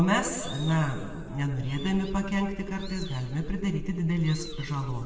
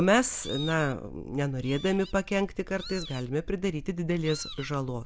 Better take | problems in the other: second | room echo; dies away in 2 s

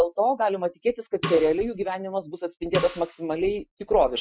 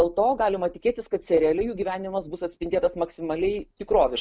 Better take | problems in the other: second | noise reduction (classical method Wiener filter)

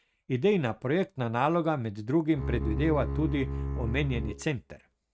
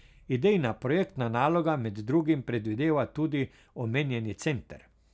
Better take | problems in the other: second | noise reduction (neural mask model RNNoise)

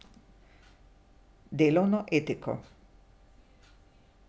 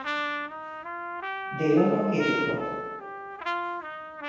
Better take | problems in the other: first | background sound (Trumpet); 3 dB below the speech // room echo; dies away in 1.2 s

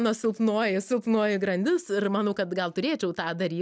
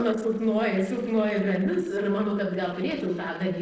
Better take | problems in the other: first | noise reduction (neural separator model SepFormer DNS4)

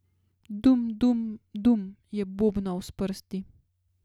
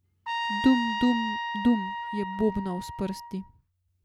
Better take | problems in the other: first | background sound (Trumpet); 5 dB below the speech

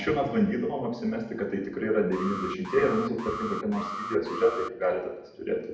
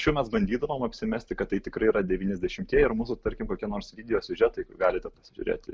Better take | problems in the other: second | background sound (Alarm); 9 dB below the speech // room echo; dies away in 0.8 s

